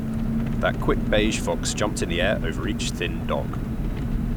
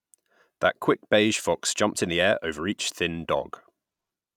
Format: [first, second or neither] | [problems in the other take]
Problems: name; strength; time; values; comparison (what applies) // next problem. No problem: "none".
second | background sound (Engine); 2 dB above the speech